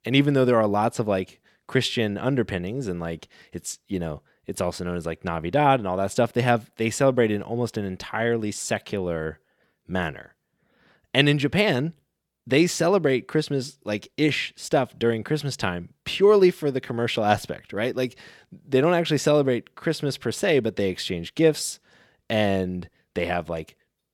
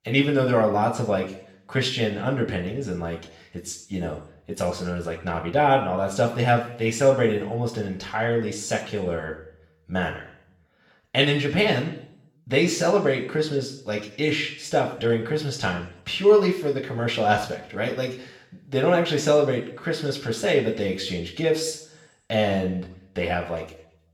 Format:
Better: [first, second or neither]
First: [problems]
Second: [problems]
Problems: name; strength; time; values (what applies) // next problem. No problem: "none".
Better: first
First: none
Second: room echo; slight; dies away in 0.6 s // off-mic speech; far